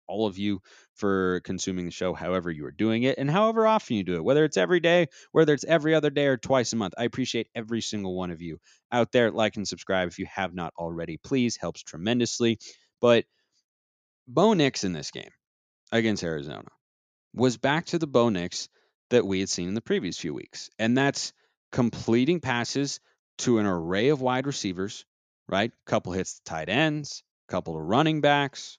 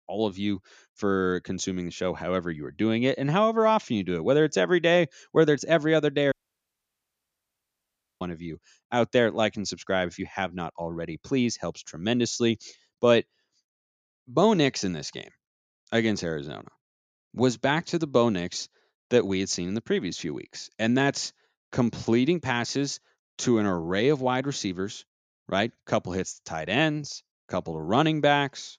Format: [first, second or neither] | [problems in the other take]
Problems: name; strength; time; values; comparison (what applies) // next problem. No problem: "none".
first | audio cutting out; at 6.5 s for 2 s